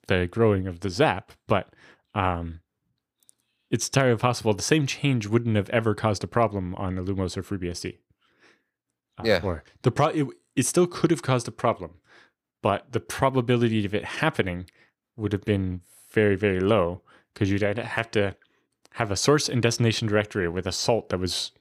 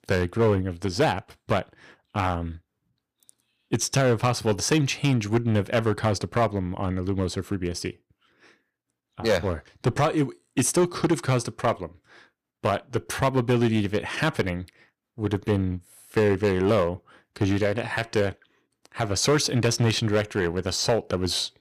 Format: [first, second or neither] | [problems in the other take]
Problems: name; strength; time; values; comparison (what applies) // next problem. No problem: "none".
first | distortion; slight; 4% of the sound clipped